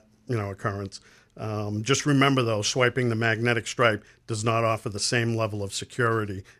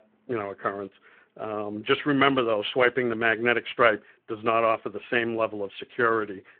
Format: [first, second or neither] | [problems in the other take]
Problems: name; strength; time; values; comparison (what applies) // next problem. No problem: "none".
first | phone-call audio